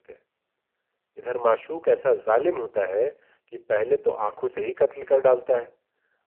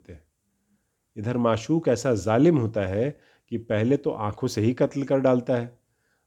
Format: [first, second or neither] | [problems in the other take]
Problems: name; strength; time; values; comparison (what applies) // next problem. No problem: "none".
second | phone-call audio; poor line